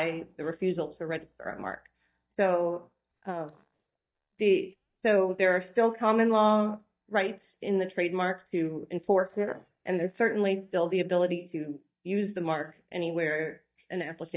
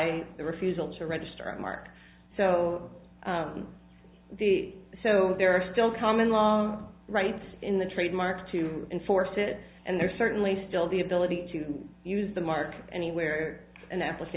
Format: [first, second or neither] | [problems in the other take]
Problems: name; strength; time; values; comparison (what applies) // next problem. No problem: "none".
second | noise reduction (neural mask model DeepFilterNet 3)